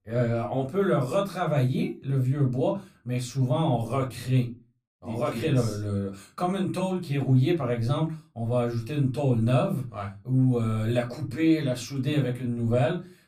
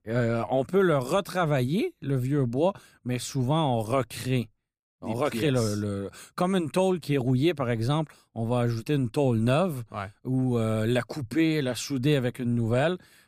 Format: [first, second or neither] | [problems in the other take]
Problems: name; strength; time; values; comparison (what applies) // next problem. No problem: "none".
second | off-mic speech; somewhat distant // room echo; very slight; dies away in 0.3 s